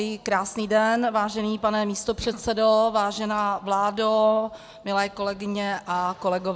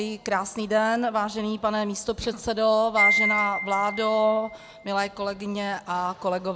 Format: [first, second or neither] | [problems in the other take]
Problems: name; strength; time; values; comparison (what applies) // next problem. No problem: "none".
first | background sound (Wind chime); 6 dB below the speech